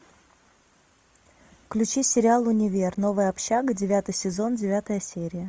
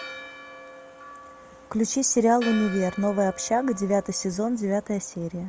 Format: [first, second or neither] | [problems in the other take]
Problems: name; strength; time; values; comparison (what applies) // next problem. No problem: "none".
first | background sound (Church bell); 16 dB below the speech